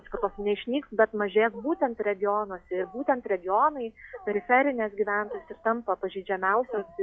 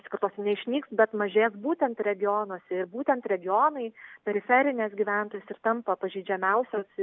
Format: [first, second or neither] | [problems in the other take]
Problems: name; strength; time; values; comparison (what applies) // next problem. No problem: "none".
second | noise reduction (classical method log-MMSE)